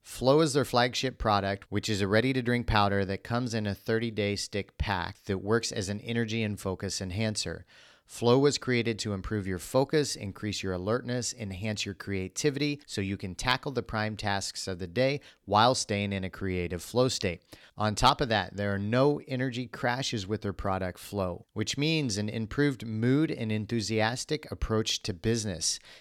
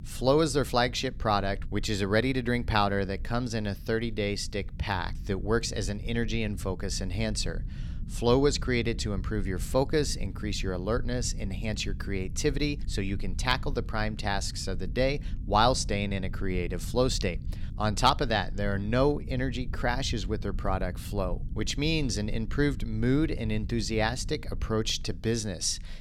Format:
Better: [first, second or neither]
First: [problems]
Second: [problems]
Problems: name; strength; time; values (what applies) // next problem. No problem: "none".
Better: first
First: none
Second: low rumble; faint; throughout; 25 dB below the speech